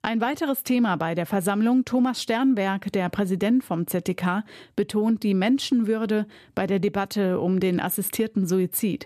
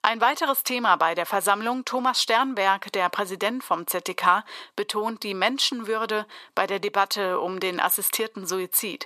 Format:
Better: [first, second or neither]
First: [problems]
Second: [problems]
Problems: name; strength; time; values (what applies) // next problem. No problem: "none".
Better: first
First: none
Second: thin; very; fading below 600 Hz